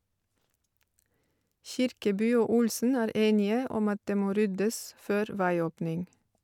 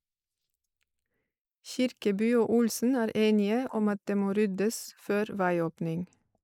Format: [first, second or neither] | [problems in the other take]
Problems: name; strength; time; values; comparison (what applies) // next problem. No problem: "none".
first | noise reduction (neural mask model Resemble Enhance denoiser)